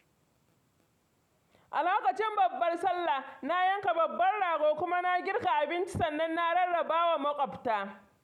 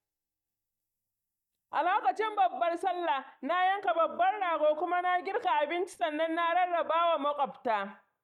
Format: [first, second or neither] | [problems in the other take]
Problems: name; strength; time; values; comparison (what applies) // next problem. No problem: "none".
first | noise reduction (neural mask model DeepFilterNet 3)